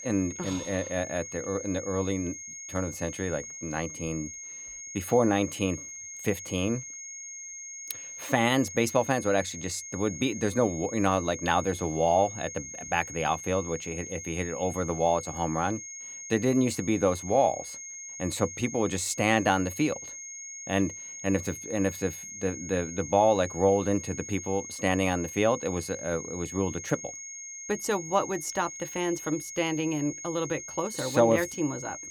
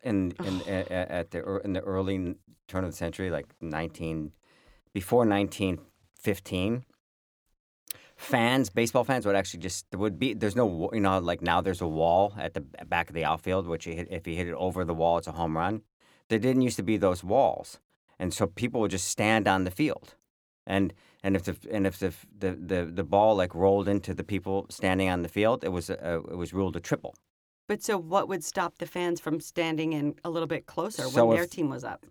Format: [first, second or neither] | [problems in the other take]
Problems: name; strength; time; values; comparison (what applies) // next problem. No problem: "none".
second | high-pitched whine; loud; throughout; 6.5 kHz, 10 dB below the speech